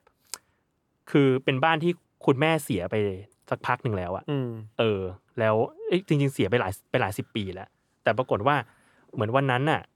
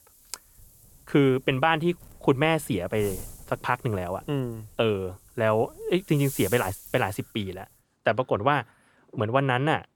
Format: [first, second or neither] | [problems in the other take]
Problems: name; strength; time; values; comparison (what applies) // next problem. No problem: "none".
first | wind noise on the microphone; occasional gusts; until 8 s; 20 dB below the speech